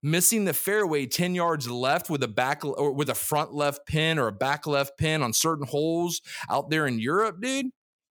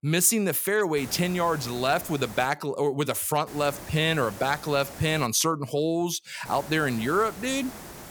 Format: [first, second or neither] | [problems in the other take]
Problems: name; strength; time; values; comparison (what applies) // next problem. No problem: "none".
first | hiss; noticeable; from 1 to 2.5 s, from 3.5 to 5.5 s and from 6.5 s on; 15 dB below the speech